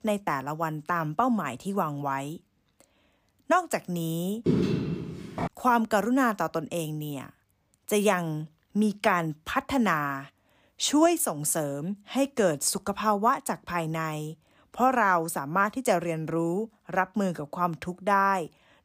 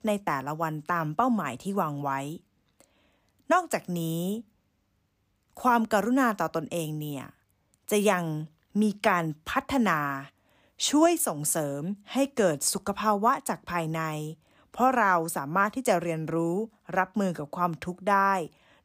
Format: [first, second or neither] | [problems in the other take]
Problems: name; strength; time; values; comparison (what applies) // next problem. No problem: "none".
second | footsteps; loud; from 4.5 to 5.5 s; peak 2 dB above the speech